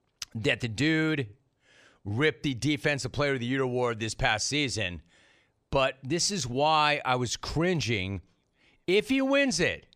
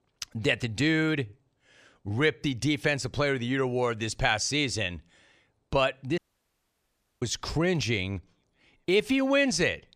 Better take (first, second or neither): first